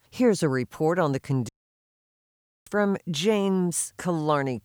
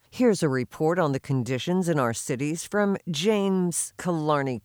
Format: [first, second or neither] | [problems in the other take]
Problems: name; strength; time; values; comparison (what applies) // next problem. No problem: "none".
second | audio cutting out; at 1.5 s for 1 s